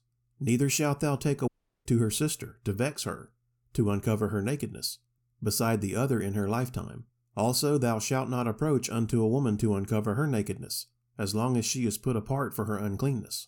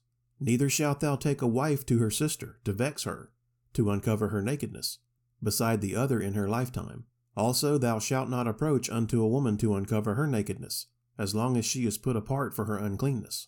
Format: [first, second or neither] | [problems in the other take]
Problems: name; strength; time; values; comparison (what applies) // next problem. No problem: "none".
second | audio cutting out; at 1.5 s